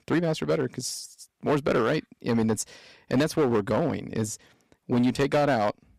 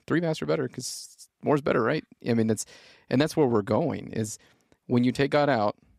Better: second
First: distortion; slight; 6% of the sound clipped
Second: none

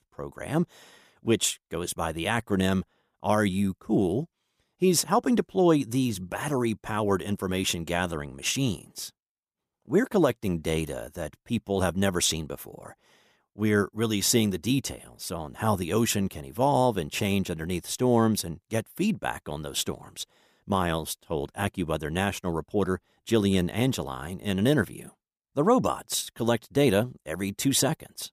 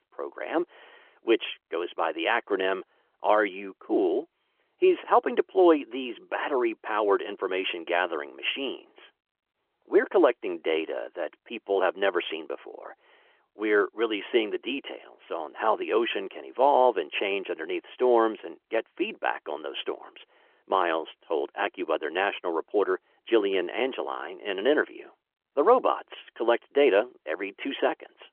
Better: first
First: none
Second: phone-call audio; nothing above 3.5 kHz

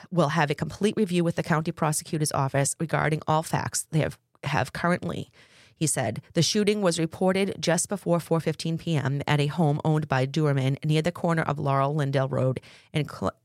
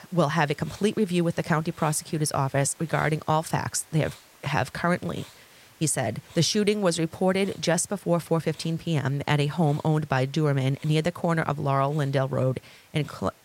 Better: first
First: none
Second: hiss; faint; throughout; 25 dB below the speech

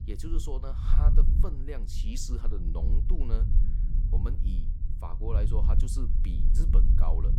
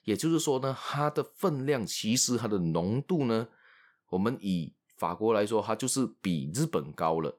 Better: second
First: low rumble; loud; throughout; 5 dB below the speech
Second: none

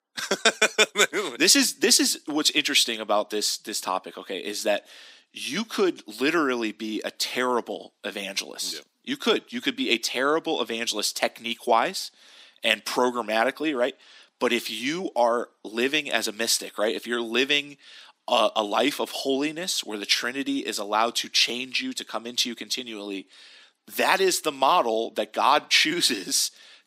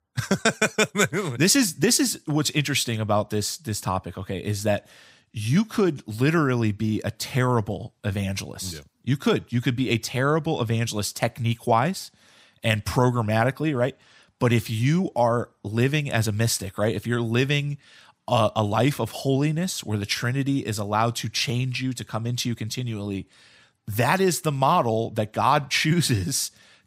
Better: second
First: thin; somewhat; fading below 250 Hz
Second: none

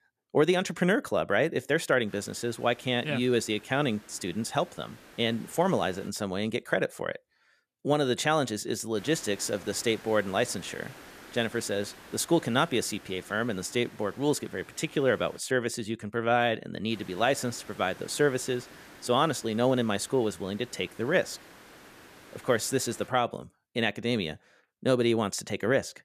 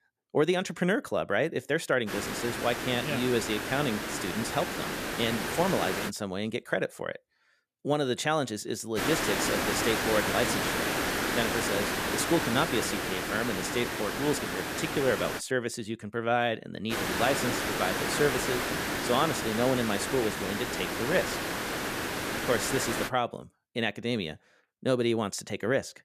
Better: first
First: hiss; faint; from 2 to 6 s, from 9 to 15 s and from 17 to 23 s; 20 dB below the speech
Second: hiss; loud; from 2 to 6 s, from 9 to 15 s and from 17 to 23 s; 1 dB below the speech

